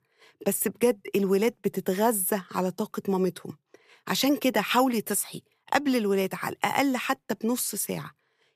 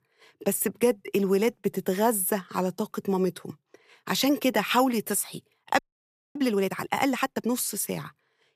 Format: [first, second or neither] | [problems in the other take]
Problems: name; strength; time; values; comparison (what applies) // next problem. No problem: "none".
first | audio freezing; at 6 s for 0.5 s